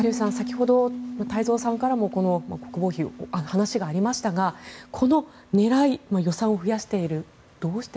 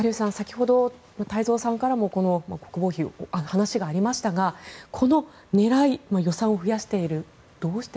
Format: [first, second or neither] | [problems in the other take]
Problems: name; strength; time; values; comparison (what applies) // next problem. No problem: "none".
second | background sound (Piano); 13 dB below the speech